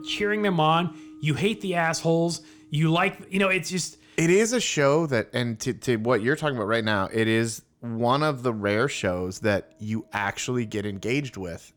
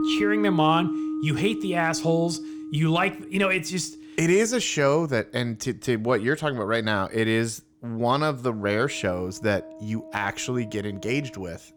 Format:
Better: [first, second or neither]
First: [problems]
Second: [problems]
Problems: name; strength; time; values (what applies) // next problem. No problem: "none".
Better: first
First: background music; faint; throughout; 25 dB below the speech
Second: background music; loud; throughout; 8 dB below the speech